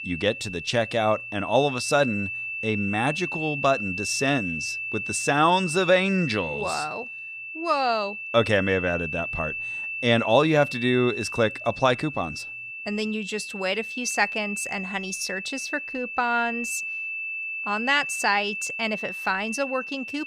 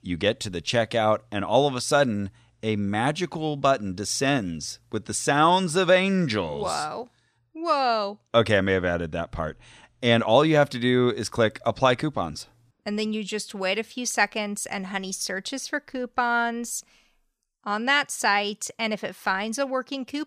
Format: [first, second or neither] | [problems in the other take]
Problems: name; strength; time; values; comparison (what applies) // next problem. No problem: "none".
second | high-pitched whine; loud; throughout; 2.5 kHz, 5 dB below the speech